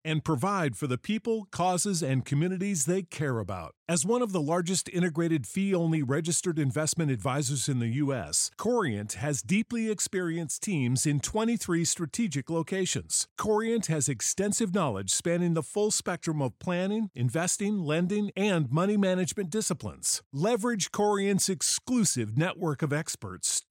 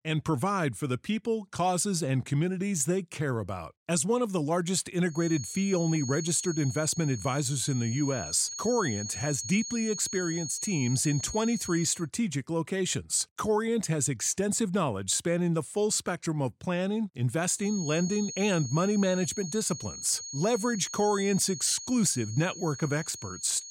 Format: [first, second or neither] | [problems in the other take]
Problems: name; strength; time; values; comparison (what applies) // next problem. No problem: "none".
first | high-pitched whine; loud; from 5 to 12 s and from 18 s on; 6.5 kHz, 9 dB below the speech